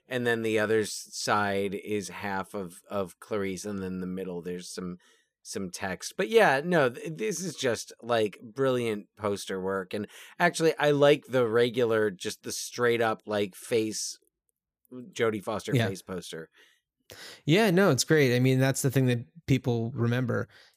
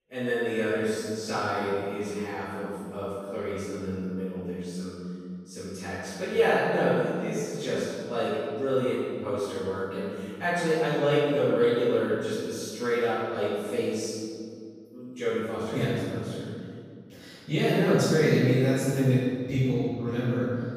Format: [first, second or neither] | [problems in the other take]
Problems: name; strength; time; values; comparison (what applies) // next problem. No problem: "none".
first | off-mic speech; far // room echo; strong; dies away in 2.2 s